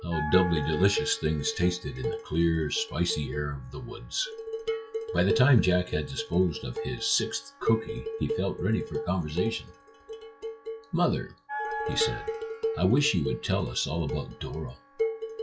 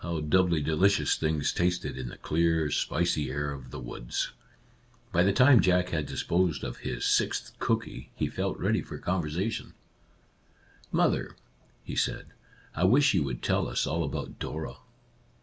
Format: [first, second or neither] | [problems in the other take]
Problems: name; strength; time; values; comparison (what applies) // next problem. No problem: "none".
second | noise reduction (classical method log-MMSE)